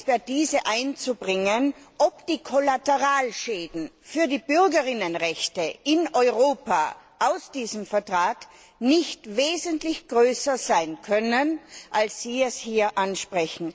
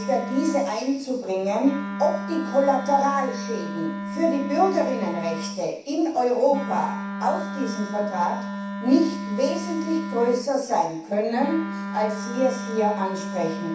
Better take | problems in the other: first | background sound (Wind instrument, woodwind instrument); 7 dB below the speech // room echo; dies away in 0.7 s

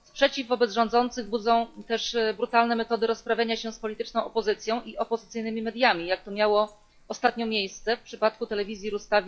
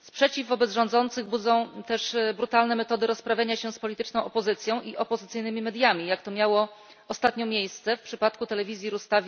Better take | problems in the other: second | noise reduction (classical method log-MMSE)

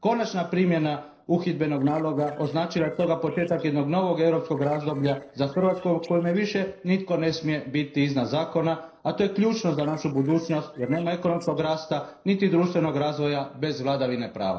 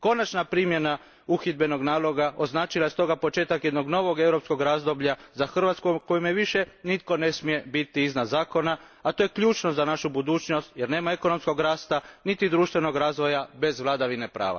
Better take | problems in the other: second | noise reduction (neural separator model SepFormer DNS4)

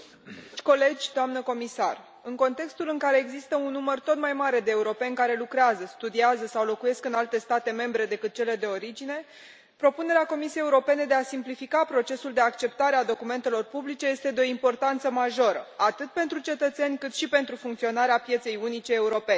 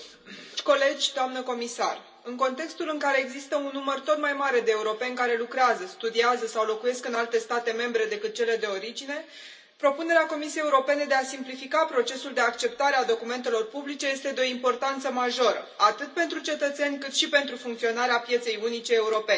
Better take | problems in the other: first | room echo; dies away in 0.2 s

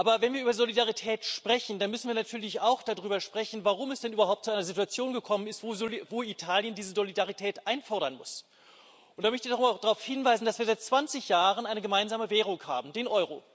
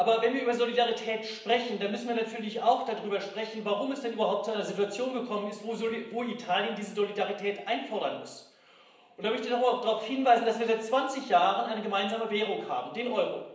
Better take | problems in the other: first | room echo; dies away in 0.8 s

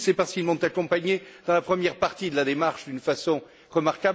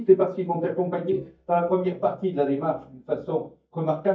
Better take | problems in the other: first | noise reduction (neural mask model DeepFilterNet 3)

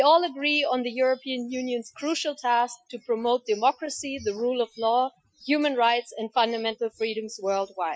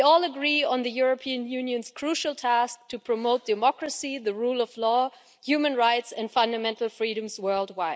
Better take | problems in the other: second | noise reduction (classical method Wiener filter)

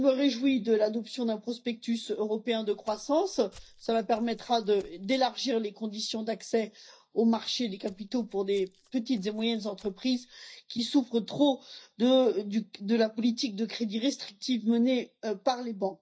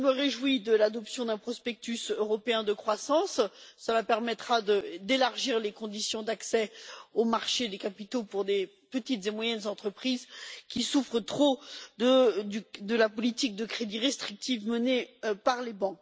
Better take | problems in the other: second | noise reduction (neural mask model DeepFilterNet 3)

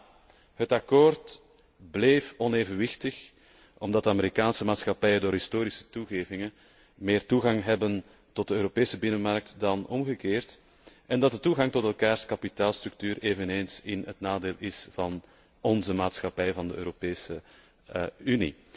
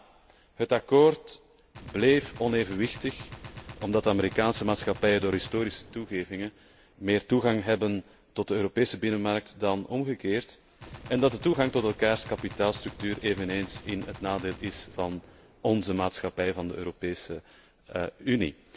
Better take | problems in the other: first | background sound (Gunshot, gunfire); 18 dB below the speech

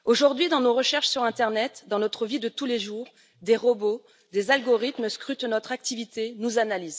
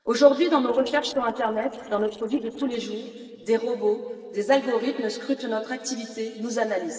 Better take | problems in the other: first | noise reduction (neural separator model SepFormer DNS4)

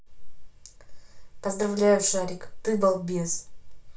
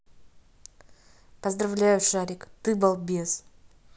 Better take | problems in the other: second | room echo; dies away in 0.3 s

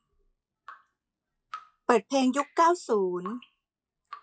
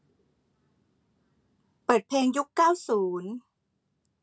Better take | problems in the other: second | noise reduction (classical method log-MMSE)

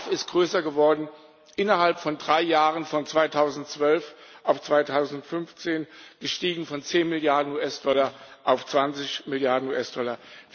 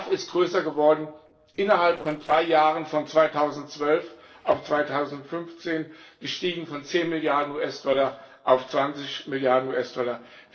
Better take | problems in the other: first | noise reduction (neural separator model SepFormer DNS4)

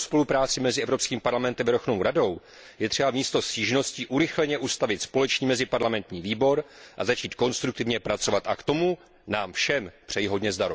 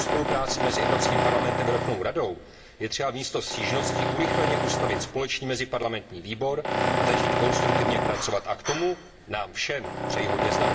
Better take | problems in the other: first | background sound (Tools); 2 dB above the speech // room echo; dies away in 2.5 s

